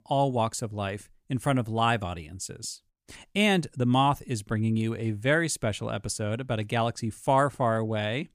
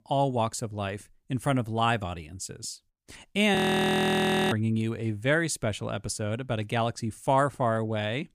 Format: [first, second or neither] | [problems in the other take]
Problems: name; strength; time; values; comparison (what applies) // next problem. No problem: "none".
first | audio freezing; at 3.5 s for 1 s